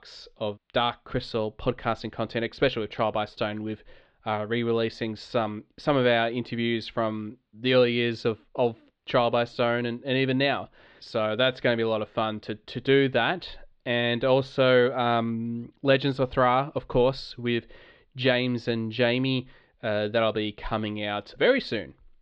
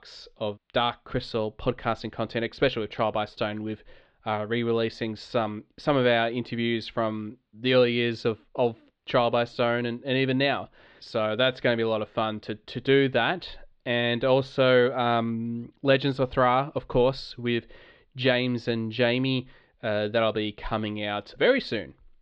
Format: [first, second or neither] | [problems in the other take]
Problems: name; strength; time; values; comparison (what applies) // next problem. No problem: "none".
neither | muffled; slightly; fading above 4 kHz; the same in both